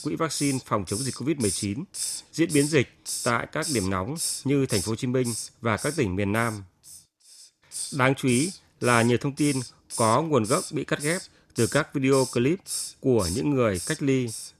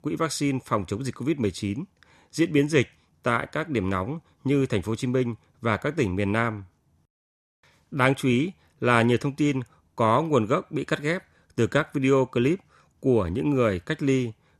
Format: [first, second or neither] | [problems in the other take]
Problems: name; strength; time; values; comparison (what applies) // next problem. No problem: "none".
second | hiss; loud; throughout; 7 dB below the speech